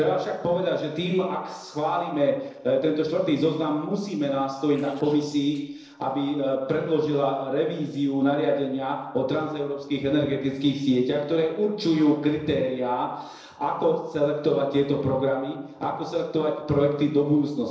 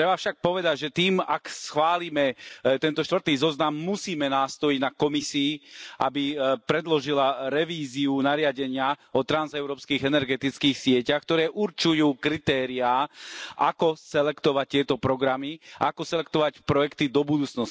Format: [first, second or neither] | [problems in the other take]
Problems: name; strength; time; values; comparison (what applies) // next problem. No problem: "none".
second | noise reduction (neural separator model SepFormer DNS4)